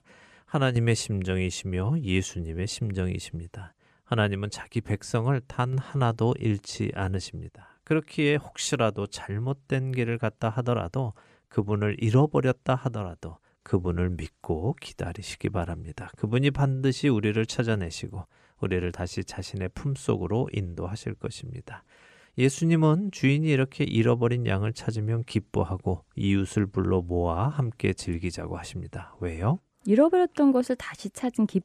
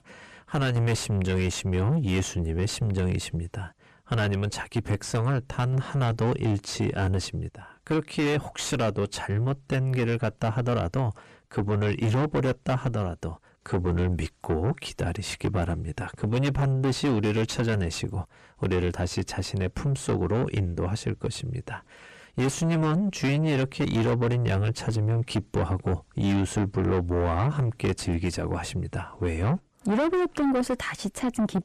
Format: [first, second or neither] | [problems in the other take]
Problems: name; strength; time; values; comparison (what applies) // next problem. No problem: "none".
first | distortion; heavy; 5 dB below the speech